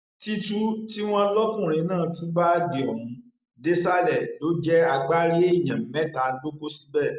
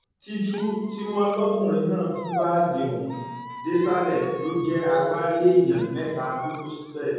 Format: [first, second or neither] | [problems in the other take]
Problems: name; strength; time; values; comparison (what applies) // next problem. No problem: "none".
first | background sound (Squeak); 15 dB below the speech // room echo; dies away in 1.3 s